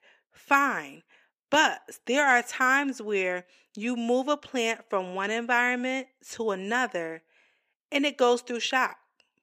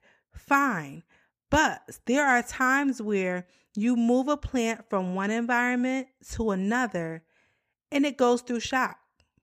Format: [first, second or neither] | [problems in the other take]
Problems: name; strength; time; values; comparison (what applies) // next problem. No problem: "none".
second | thin; very slightly; fading below 400 Hz